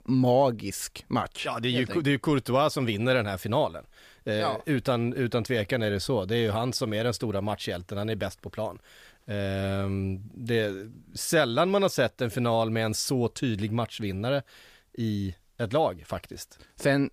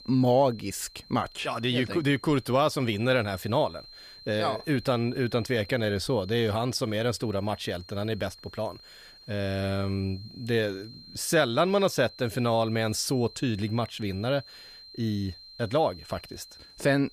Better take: first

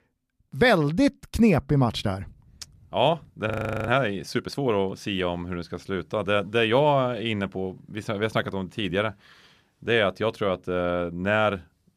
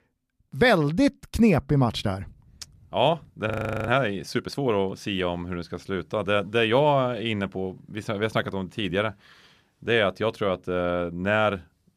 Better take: neither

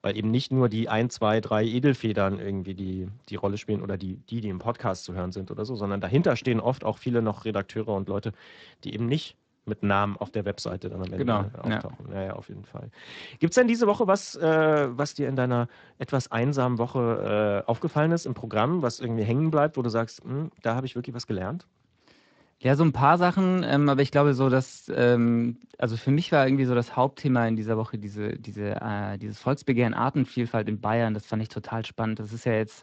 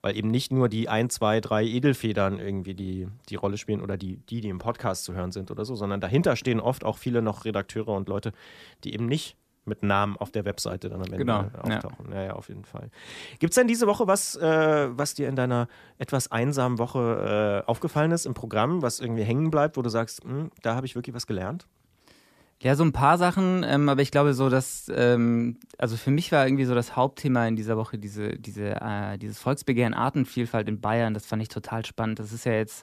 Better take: second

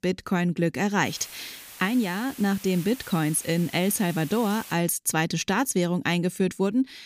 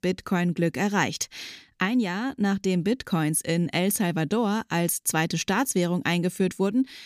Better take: second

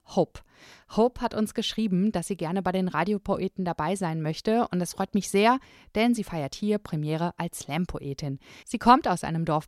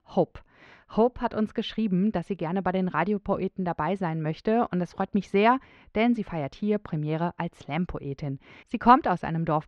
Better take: first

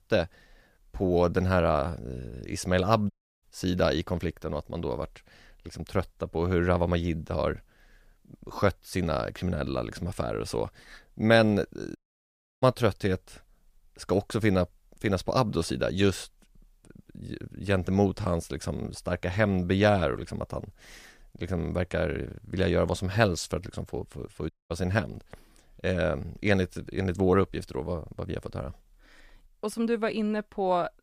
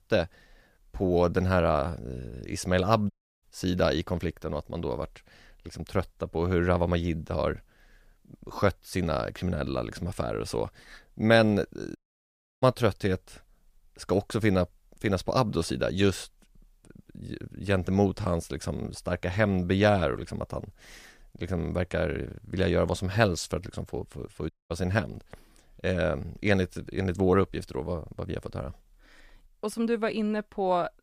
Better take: neither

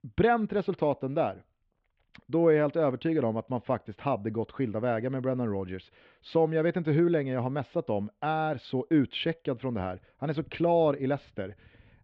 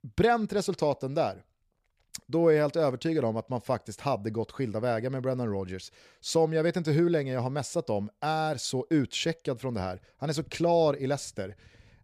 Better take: second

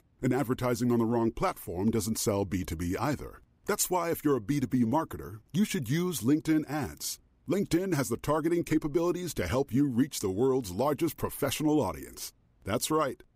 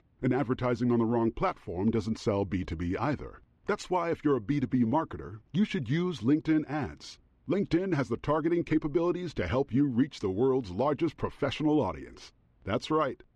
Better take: first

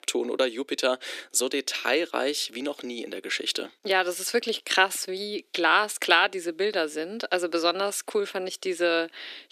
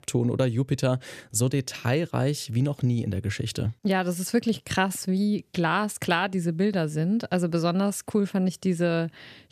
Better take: second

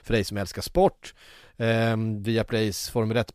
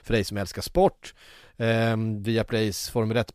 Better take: neither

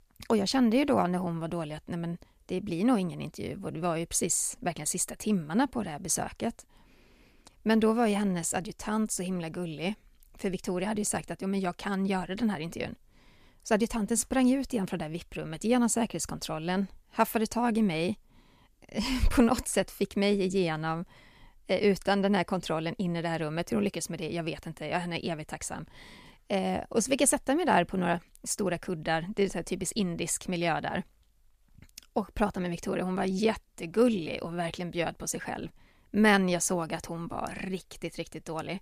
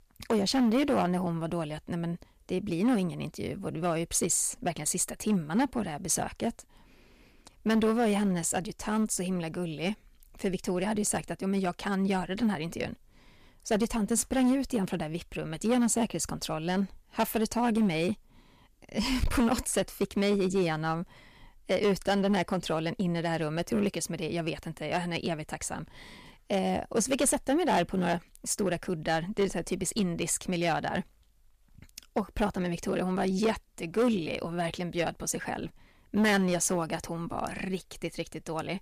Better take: first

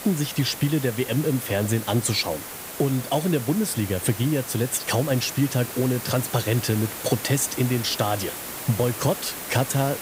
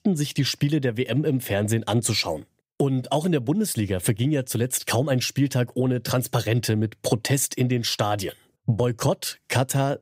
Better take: second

